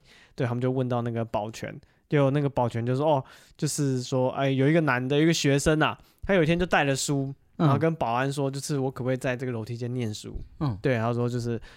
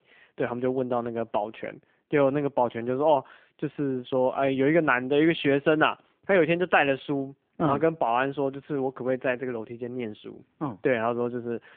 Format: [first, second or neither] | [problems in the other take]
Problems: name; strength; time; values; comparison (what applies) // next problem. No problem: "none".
first | phone-call audio; nothing above 3.5 kHz